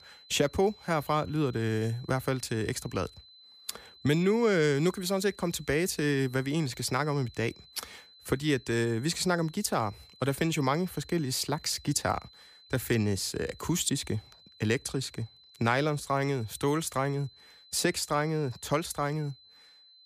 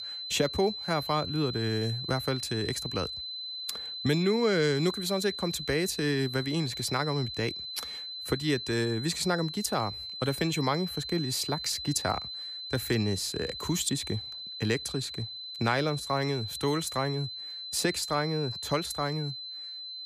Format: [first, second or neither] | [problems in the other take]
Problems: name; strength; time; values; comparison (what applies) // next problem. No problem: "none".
first | high-pitched whine; loud; throughout; 4 kHz, 6 dB below the speech; faint in the first